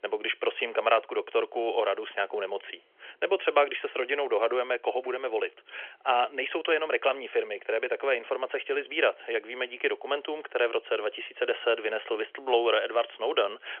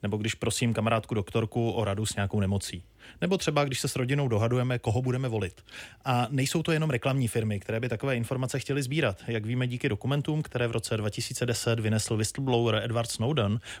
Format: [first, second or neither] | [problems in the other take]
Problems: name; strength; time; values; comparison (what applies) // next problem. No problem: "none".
second | phone-call audio; nothing above 3.5 kHz